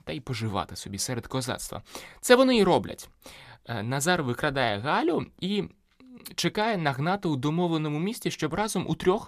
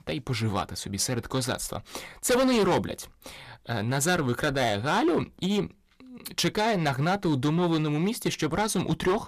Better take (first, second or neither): first